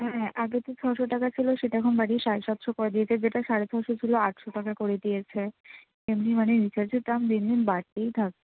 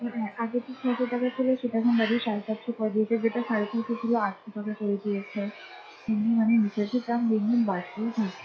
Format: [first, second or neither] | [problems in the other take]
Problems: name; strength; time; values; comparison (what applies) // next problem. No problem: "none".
first | noise reduction (classical method log-MMSE)